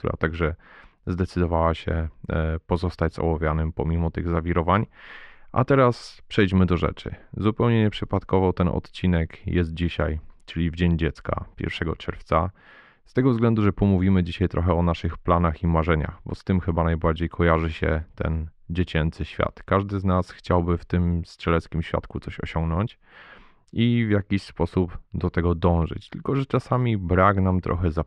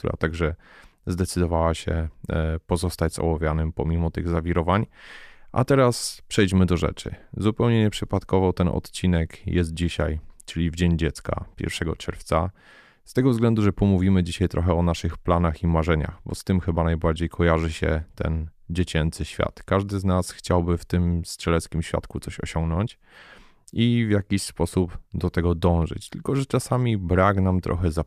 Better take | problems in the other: second | muffled; slightly; fading above 2.5 kHz

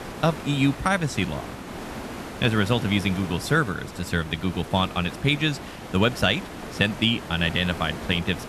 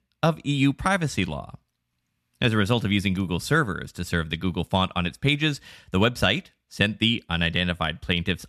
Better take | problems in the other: second | hiss; noticeable; throughout; 10 dB below the speech

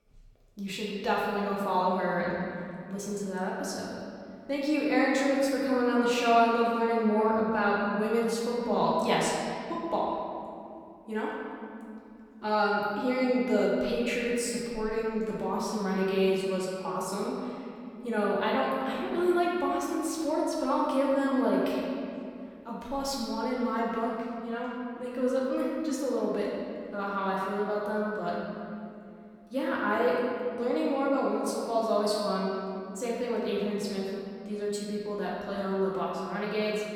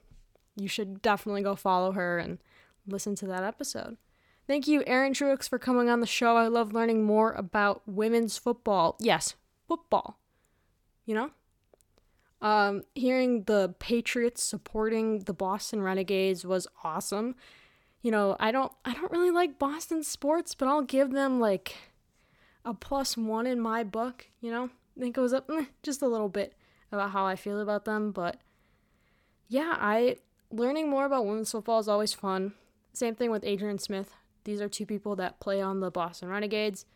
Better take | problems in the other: second | room echo; noticeable; dies away in 2.3 s // off-mic speech; far

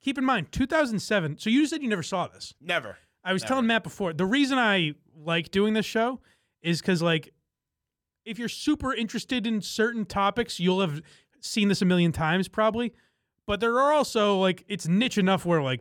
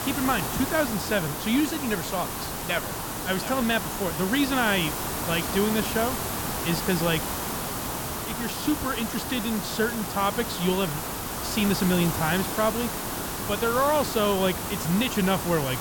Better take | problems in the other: first | hiss; loud; throughout; 3 dB below the speech

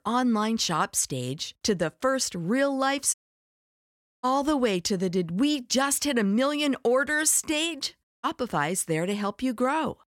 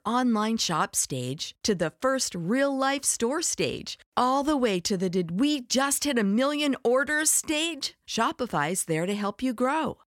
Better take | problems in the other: second | audio cutting out; at 3 s for 1 s and at 8 s

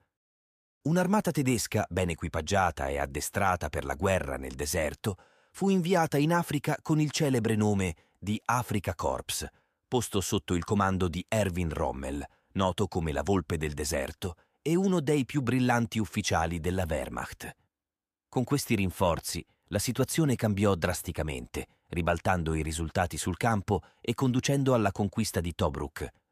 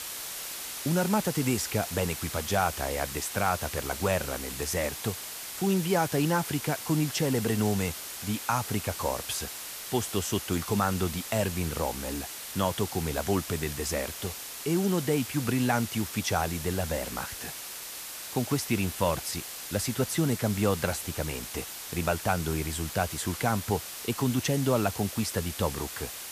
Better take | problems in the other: first | hiss; loud; throughout; 7 dB below the speech

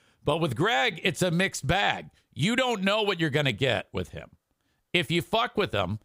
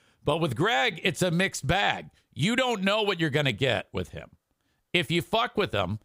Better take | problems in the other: neither | none

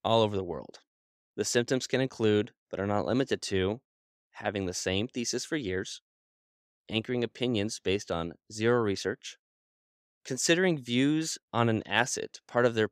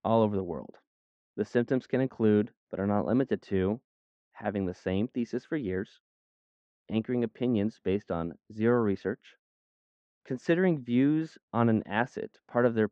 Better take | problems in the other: first | muffled; very; fading above 1.5 kHz

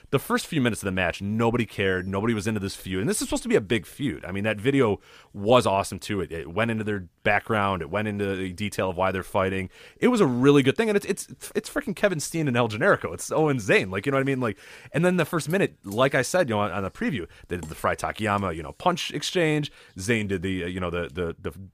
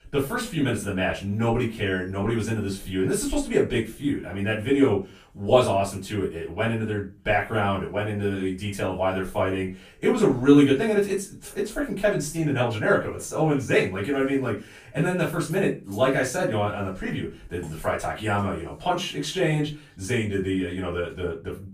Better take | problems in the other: first | room echo; slight; dies away in 0.3 s // off-mic speech; far

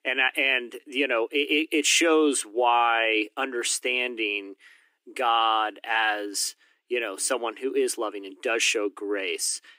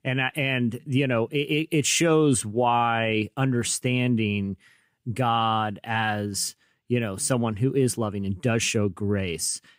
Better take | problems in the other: second | thin; somewhat; fading below 300 Hz

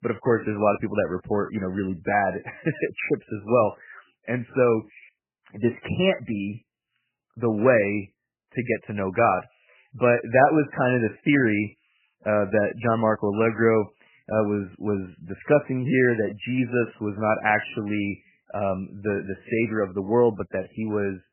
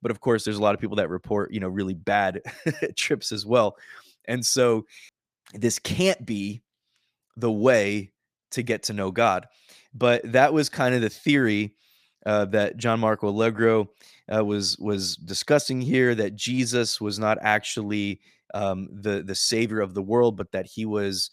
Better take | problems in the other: second | garbled, watery; badly; nothing above 3 kHz

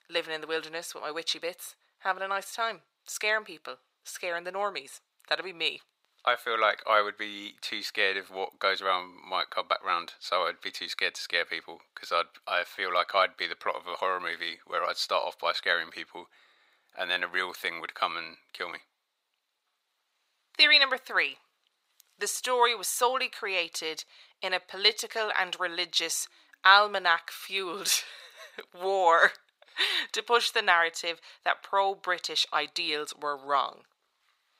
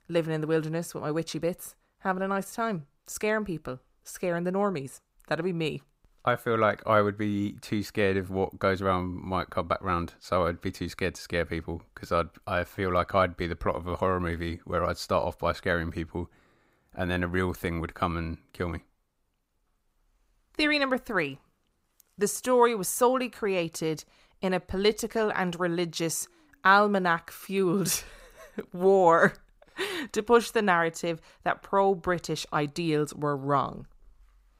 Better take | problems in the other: second | thin; very; fading below 700 Hz

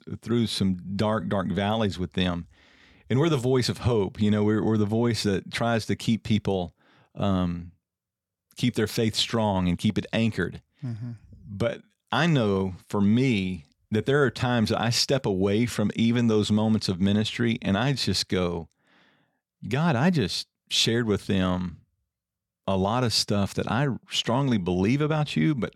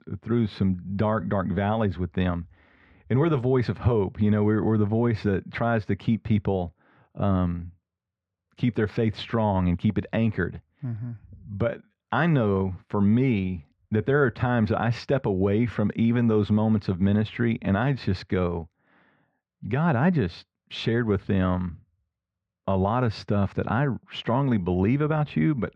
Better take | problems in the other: first | muffled; very; fading above 1.5 kHz

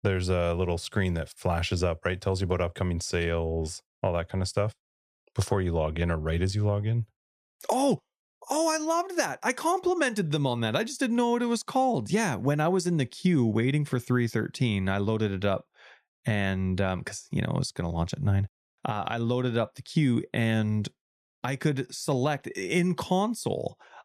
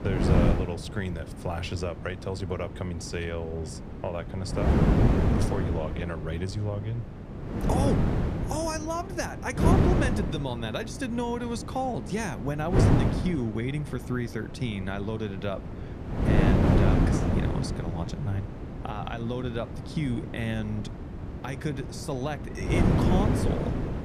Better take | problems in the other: first | wind noise on the microphone; heavy; 1 dB above the speech

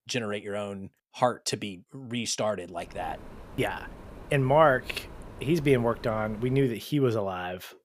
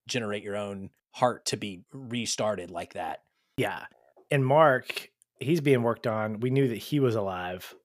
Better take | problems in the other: second | wind noise on the microphone; occasional gusts; from 3 to 6.5 s; 20 dB below the speech

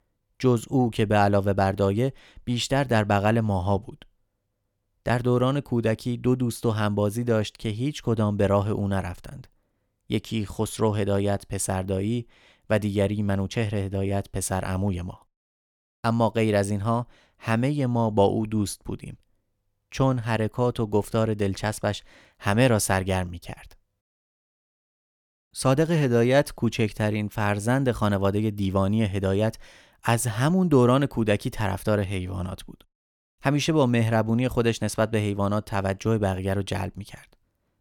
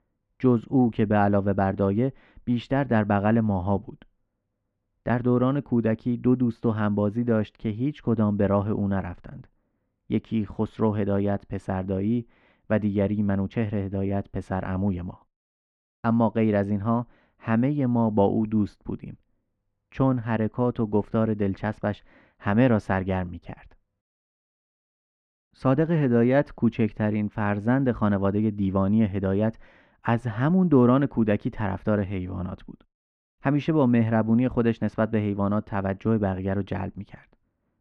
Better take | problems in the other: first | muffled; very; fading above 1.5 kHz

